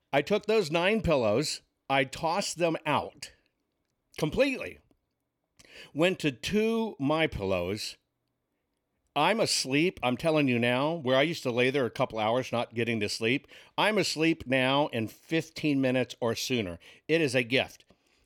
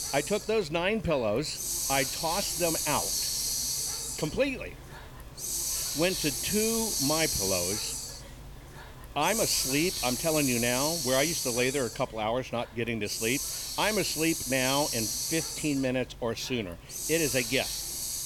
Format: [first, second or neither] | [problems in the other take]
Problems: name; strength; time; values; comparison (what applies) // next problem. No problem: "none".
first | hiss; loud; throughout; as loud as the speech